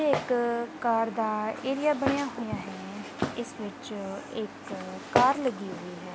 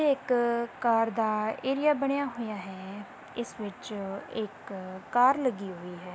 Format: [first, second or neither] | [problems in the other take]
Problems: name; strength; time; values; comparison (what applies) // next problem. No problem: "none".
second | background sound (Walk, footsteps); 6 dB below the speech